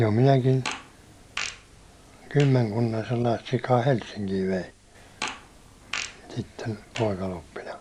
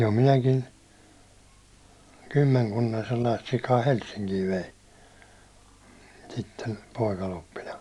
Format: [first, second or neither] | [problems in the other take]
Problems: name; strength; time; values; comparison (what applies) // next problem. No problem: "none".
second | background sound (Fart); 13 dB below the speech